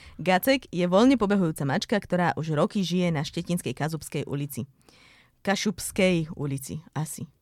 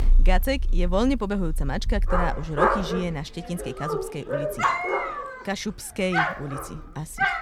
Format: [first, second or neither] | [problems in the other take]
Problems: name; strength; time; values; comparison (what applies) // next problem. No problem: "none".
first | animal sounds; very loud; throughout; 2 dB above the speech